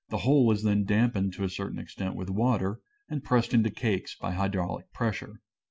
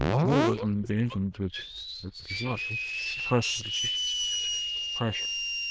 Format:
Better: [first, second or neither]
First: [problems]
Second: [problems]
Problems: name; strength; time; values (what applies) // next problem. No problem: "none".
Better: first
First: none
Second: noise reduction (neural diffusion model UNIVERSE++)